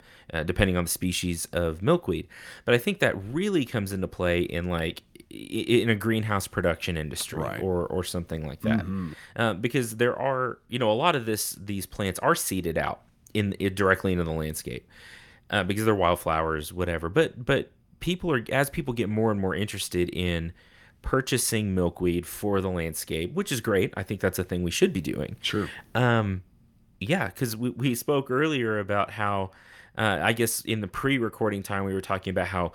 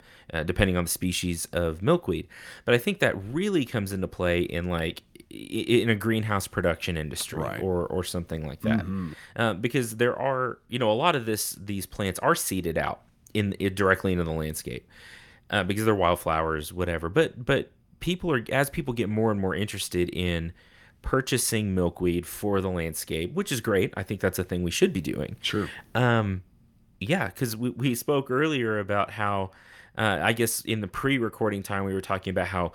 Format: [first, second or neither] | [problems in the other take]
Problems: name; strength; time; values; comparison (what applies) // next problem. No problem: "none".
neither | none